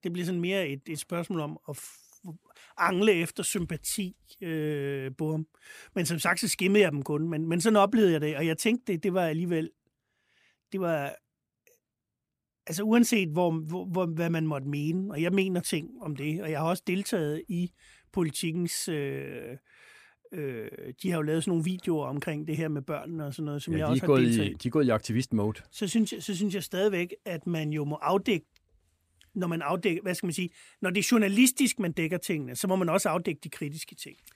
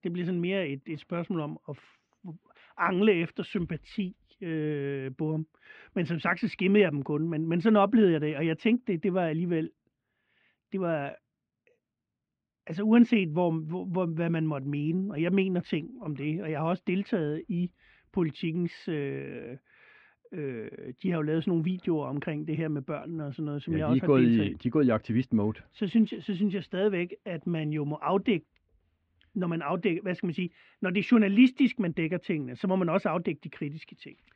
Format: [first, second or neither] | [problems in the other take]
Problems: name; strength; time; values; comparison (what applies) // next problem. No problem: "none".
first | muffled; very; fading above 3 kHz